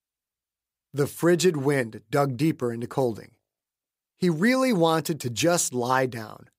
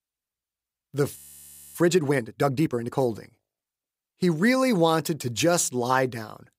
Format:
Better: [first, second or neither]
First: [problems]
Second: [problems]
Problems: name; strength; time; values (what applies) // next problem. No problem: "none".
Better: first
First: none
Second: audio freezing; at 1 s for 0.5 s